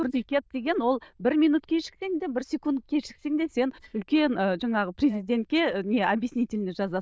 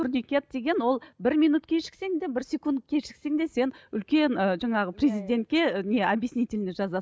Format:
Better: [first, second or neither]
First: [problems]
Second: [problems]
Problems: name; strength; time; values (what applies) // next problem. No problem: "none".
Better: second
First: noise reduction (neural diffusion model UNIVERSE++)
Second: none